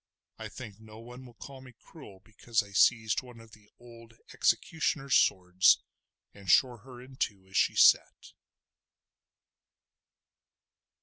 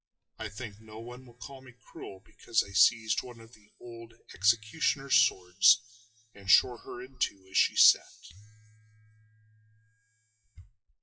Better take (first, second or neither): first